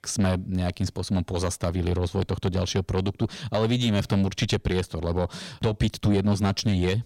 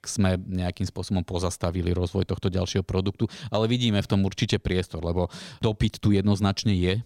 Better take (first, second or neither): second